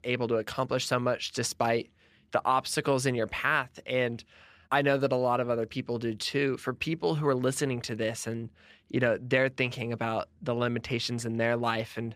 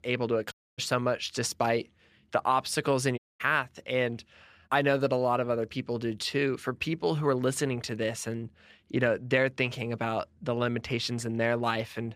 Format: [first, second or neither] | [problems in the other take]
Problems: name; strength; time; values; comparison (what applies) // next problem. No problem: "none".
first | audio cutting out; at 0.5 s and at 3 s